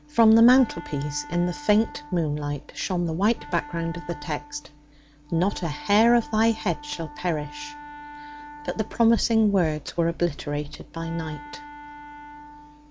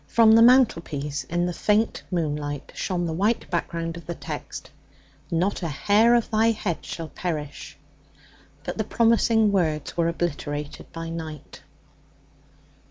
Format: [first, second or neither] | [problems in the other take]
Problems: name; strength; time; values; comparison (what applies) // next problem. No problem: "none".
second | background sound (Wind instrument, woodwind instrument); 18 dB below the speech